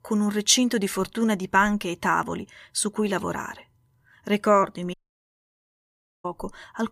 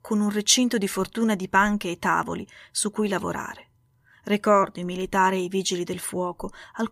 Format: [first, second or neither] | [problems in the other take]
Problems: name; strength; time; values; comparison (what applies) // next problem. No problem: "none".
second | audio cutting out; at 5 s for 1.5 s